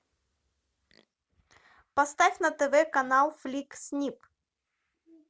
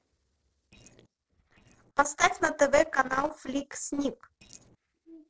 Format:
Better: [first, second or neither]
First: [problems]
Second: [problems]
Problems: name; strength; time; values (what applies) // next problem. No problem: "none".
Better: first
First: none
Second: noise reduction (neural separator model SepFormer DNS4)